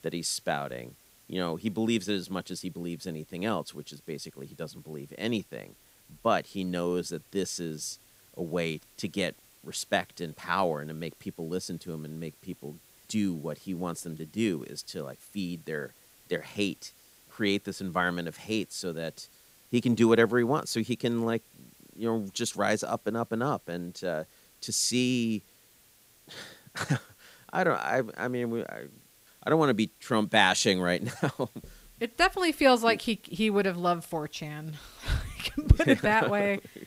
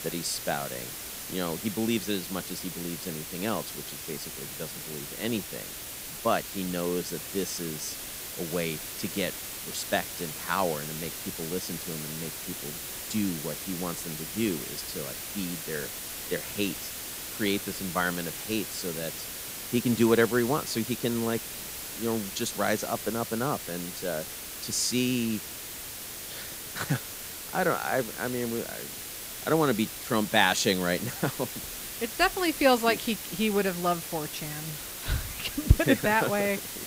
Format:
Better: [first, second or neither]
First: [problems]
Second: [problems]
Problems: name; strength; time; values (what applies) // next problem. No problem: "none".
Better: first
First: hiss; faint; throughout; 25 dB below the speech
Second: hiss; loud; throughout; 6 dB below the speech